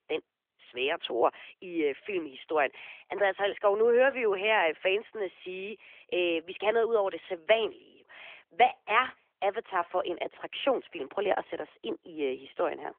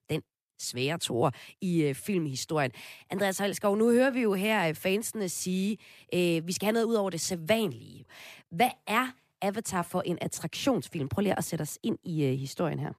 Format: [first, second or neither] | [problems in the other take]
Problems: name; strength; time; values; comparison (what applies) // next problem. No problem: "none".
second | phone-call audio; nothing above 3.5 kHz